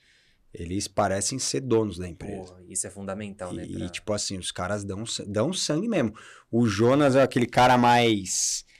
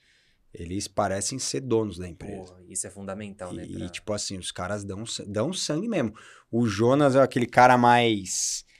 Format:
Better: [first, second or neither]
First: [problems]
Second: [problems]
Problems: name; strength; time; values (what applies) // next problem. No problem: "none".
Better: second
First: distortion; slight; 3% of the sound clipped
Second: none